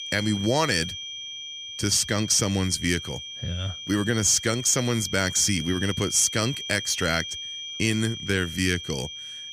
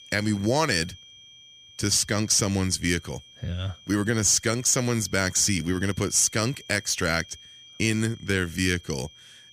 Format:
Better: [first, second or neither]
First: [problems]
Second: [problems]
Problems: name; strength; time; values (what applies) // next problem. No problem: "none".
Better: second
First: high-pitched whine; loud; throughout; 3 kHz, 9 dB below the speech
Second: high-pitched whine; faint; throughout; 3 kHz, 25 dB below the speech